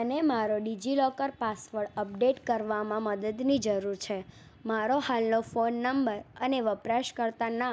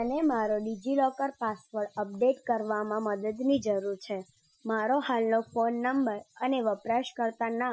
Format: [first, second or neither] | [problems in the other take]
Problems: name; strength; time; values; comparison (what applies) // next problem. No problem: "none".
first | noise reduction (classical method Wiener filter)